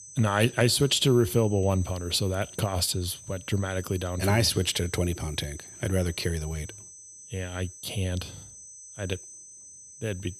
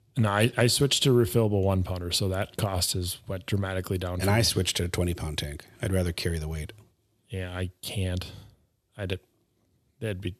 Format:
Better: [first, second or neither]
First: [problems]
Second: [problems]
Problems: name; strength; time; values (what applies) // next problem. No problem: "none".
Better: second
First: high-pitched whine; noticeable; throughout; 6 kHz, 15 dB below the speech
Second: none